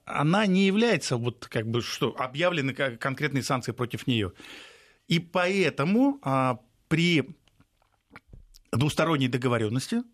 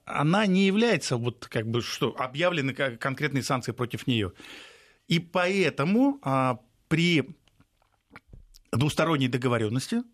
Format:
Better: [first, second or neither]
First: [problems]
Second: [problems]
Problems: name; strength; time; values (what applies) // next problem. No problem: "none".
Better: neither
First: none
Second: none